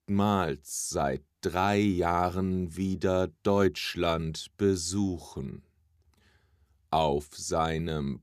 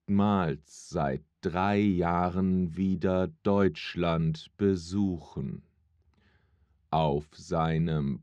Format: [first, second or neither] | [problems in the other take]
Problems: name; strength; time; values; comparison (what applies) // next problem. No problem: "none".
first | muffled; slightly; fading above 3.5 kHz